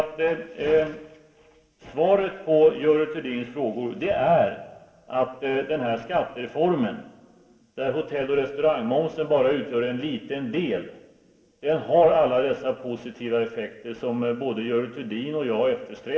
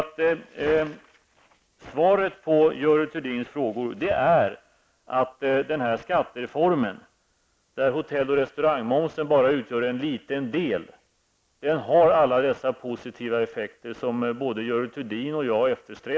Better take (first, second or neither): second